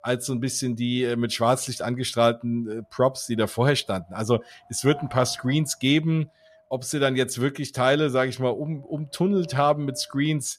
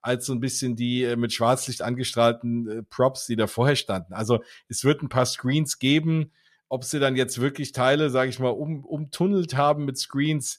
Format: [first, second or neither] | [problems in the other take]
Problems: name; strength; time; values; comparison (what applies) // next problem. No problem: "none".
second | wind noise on the microphone; occasional gusts; 20 dB below the speech